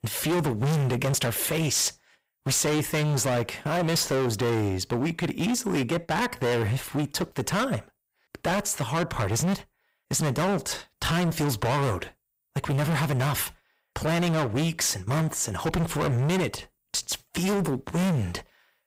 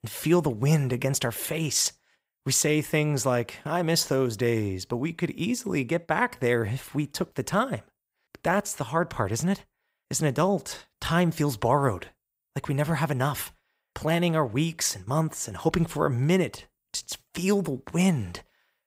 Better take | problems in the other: second | distortion; heavy; 25% of the sound clipped

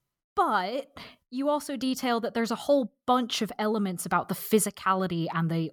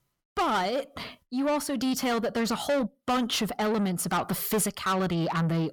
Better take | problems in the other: first | distortion; heavy; 7 dB below the speech

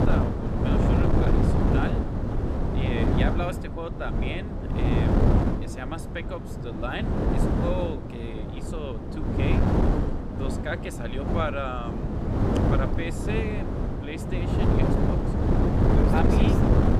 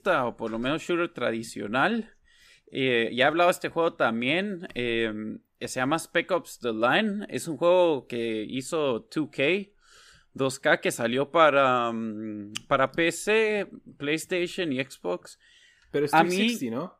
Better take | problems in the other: second | wind noise on the microphone; heavy; 3 dB above the speech

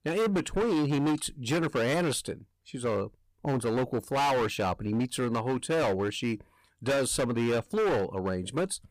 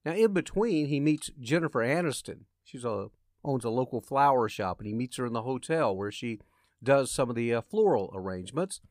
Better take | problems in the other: second | distortion; heavy; 19% of the sound clipped

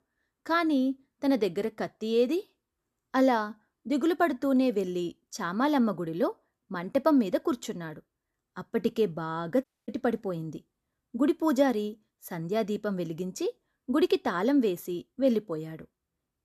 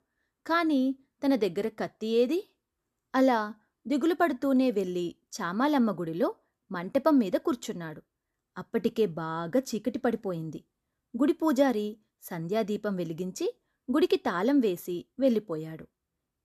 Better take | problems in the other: second | audio cutting out; at 9.5 s

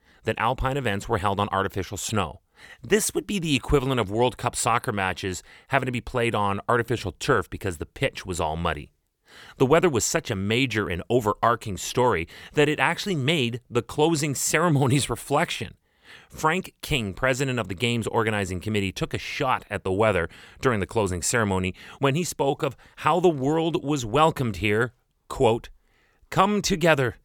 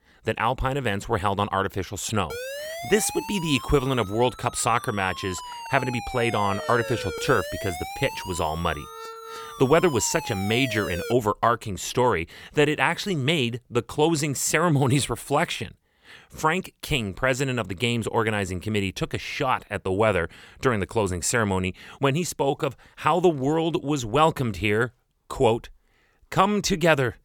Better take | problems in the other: first | siren; noticeable; from 2.5 to 11 s; peak 8 dB below the speech

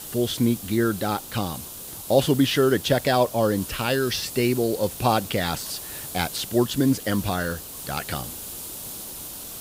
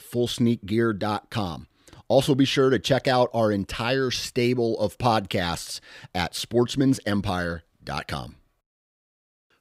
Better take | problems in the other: second | hiss; noticeable; throughout; 10 dB below the speech

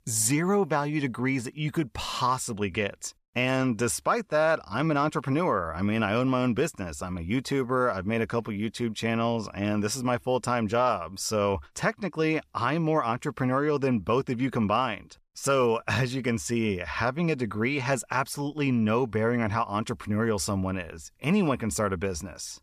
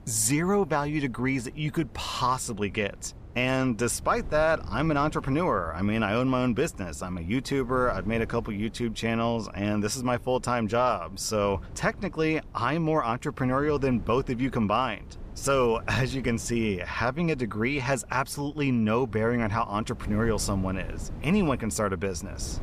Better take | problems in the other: first | wind noise on the microphone; occasional gusts; 25 dB below the speech

